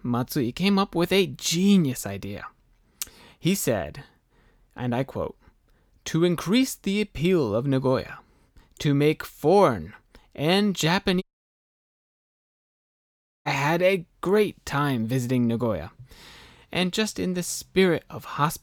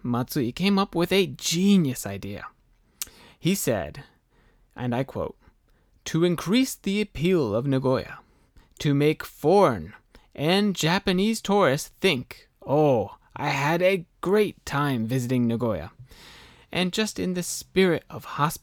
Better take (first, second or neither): second